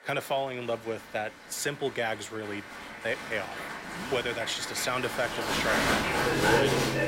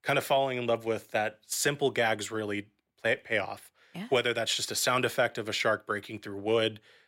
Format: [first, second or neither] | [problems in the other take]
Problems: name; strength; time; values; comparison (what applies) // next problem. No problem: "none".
second | crowd noise; very loud; throughout; 3 dB above the speech